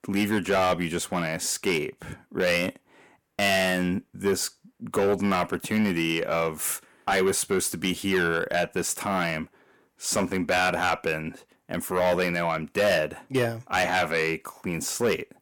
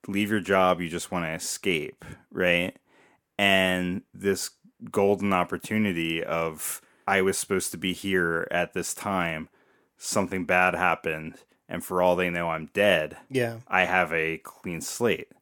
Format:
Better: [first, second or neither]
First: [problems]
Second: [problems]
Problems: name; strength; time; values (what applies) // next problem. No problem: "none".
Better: second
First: distortion; heavy; 7 dB below the speech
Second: none